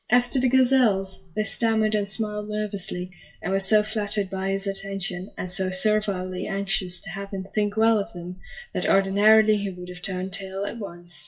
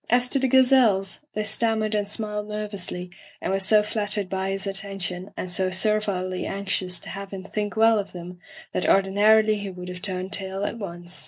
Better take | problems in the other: second | noise reduction (classical method WPE with log-MMSE)

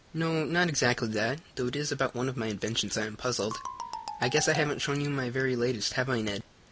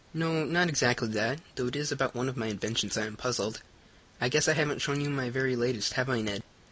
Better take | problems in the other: second | background sound (Marimba, xylophone); 10 dB below the speech

